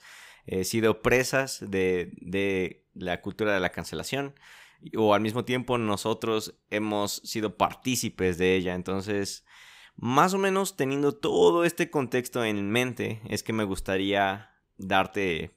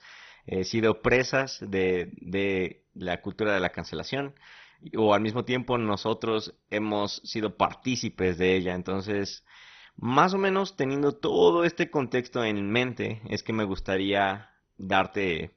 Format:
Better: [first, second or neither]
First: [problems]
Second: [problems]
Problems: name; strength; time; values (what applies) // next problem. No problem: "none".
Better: first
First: none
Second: garbled, watery; badly; nothing above 6 kHz